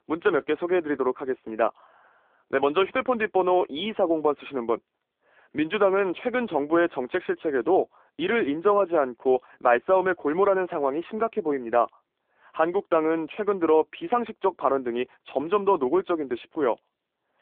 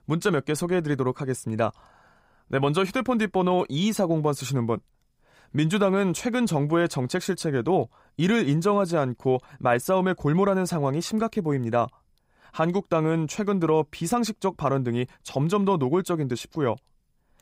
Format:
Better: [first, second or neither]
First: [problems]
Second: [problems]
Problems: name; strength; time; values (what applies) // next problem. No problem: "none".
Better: second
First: phone-call audio; poor line; nothing above 3.5 kHz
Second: none